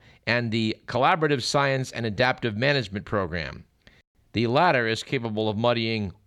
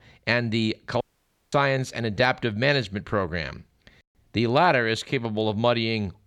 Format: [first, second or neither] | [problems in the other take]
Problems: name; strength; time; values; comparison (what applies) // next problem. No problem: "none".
first | audio cutting out; at 1 s for 0.5 s